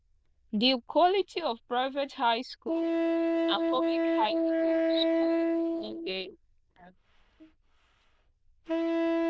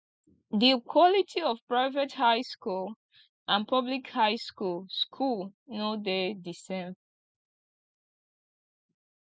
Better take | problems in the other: second | noise reduction (neural diffusion model UNIVERSE++)

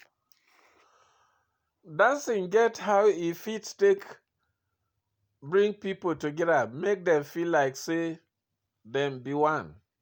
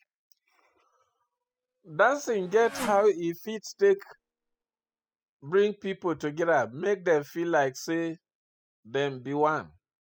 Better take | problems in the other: first | noise reduction (classical method spectral subtraction)

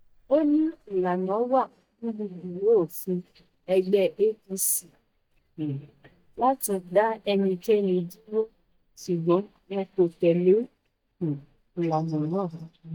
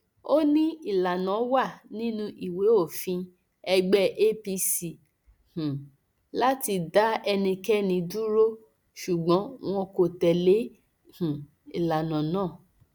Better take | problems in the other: second | noise reduction (neural mask model DeepFilterNet 3)

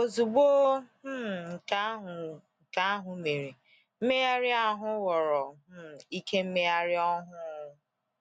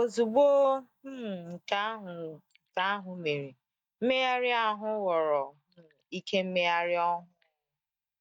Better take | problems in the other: first | noise reduction (neural mask model DeepFilterNet 3)

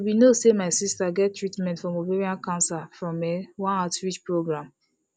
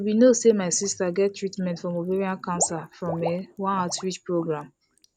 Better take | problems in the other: first | background sound (Water / Liquid); 16 dB below the speech

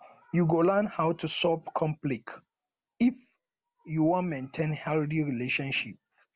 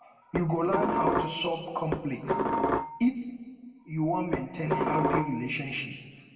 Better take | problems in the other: first | background sound (Dishes, pots, and pans); 2 dB above the speech // room echo; dies away in 1.4 s

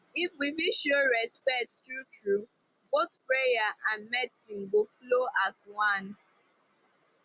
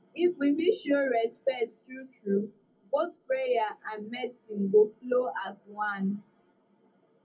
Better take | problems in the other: first | room echo; dies away in 0.3 s

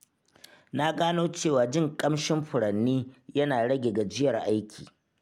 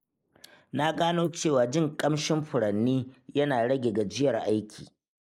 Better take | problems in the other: first | noise reduction (neural mask model Resemble Enhance denoiser)

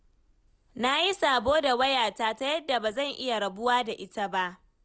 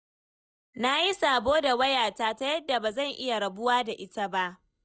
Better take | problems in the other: first | noise reduction (neural mask model DeepFilterNet 3)

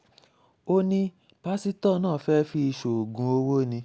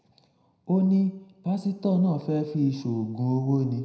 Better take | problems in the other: first | room echo; dies away in 0.7 s

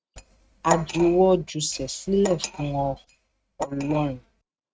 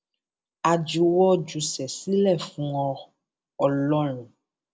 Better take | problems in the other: second | noise reduction (neural mask model RNNoise)

